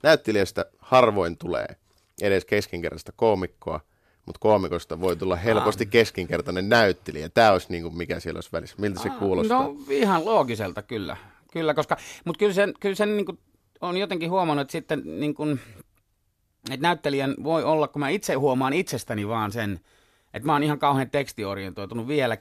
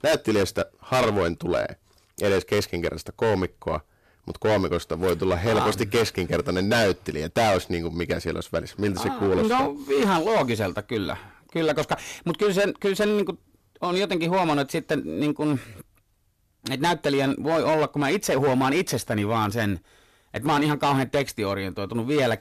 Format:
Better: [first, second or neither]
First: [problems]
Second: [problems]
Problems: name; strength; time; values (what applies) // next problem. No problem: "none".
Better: first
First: none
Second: distortion; heavy; 10% of the sound clipped